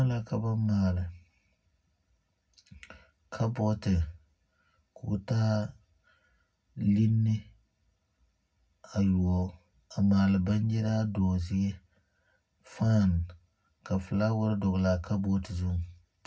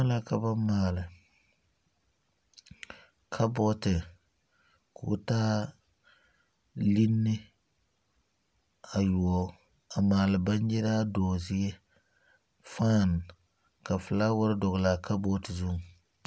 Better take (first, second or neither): second